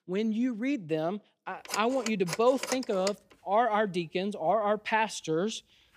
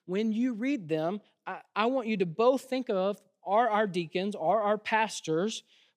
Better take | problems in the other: second | phone ringing; noticeable; from 1.5 to 3 s; peak 6 dB below the speech

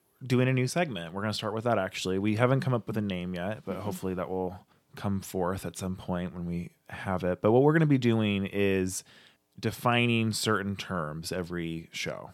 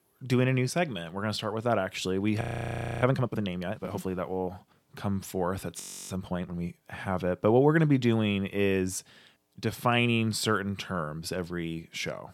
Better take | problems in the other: first | audio freezing; at 2.5 s for 0.5 s and at 6 s

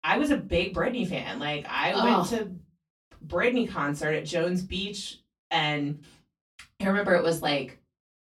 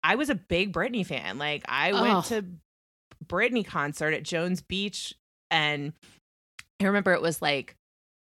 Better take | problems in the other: second | off-mic speech; far // room echo; very slight; dies away in 0.2 s

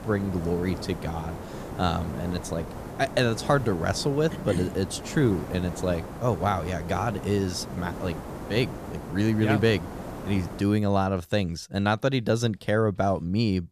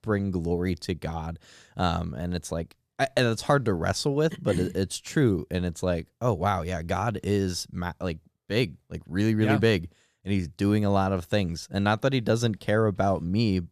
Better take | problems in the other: second | hiss; noticeable; until 11 s; 10 dB below the speech

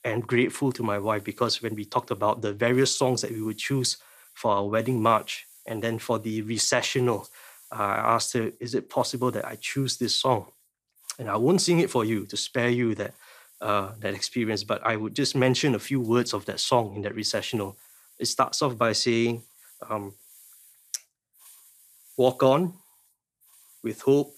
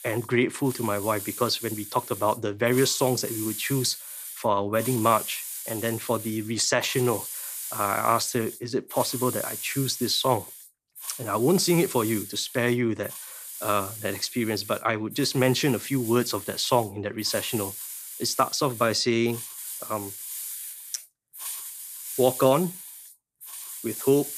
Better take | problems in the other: first | hiss; loud; throughout; 9 dB below the speech; faint in the first

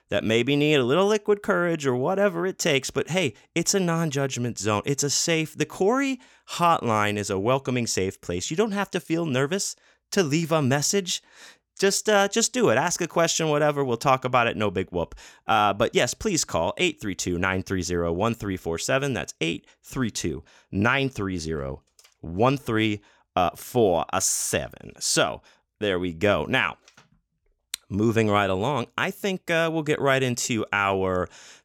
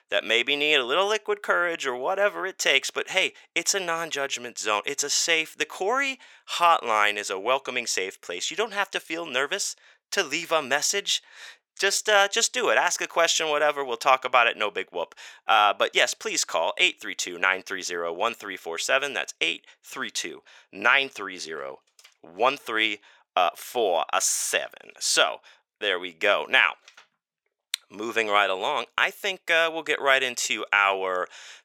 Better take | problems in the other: first | thin; very; fading below 600 Hz

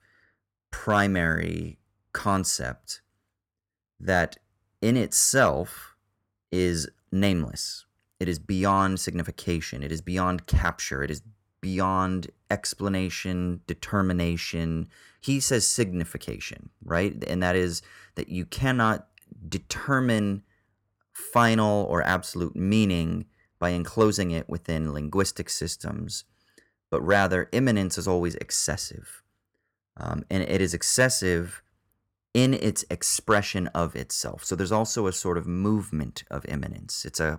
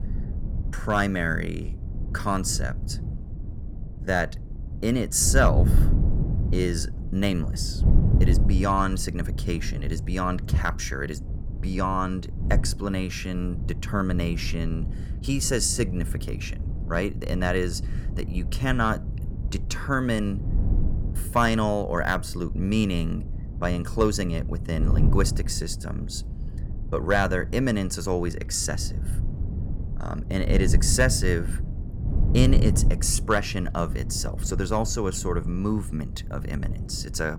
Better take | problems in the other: first | wind noise on the microphone; occasional gusts; 15 dB below the speech

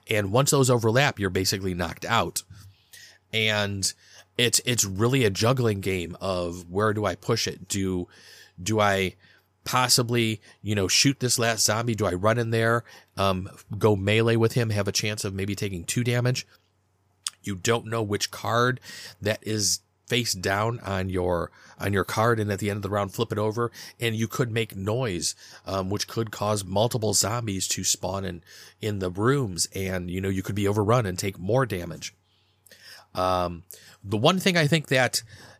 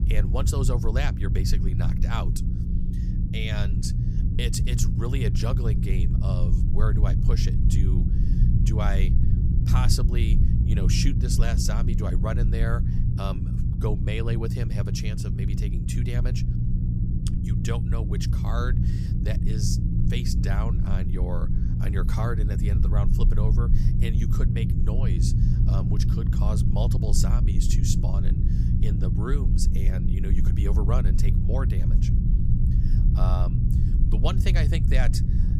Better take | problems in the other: first | low rumble; loud; throughout; 2 dB below the speech

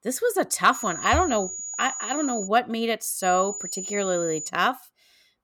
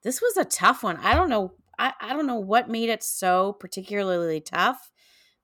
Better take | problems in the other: second | high-pitched whine; loud; from 0.5 to 2.5 s and from 3 to 4.5 s; 7 kHz, 7 dB below the speech

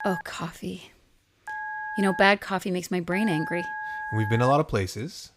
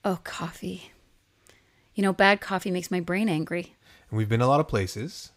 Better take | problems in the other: second | phone ringing; noticeable; until 4.5 s; peak 7 dB below the speech

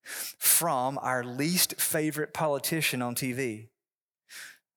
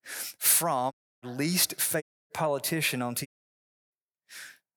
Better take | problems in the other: first | audio cutting out; at 1 s, at 2 s and at 3.5 s for 0.5 s

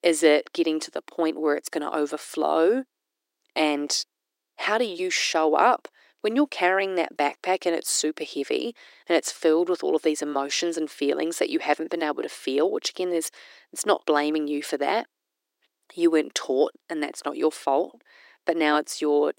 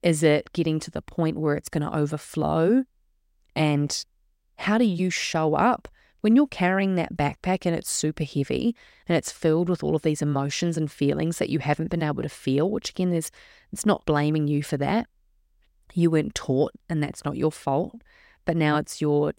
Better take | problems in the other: second | thin; somewhat; fading below 300 Hz

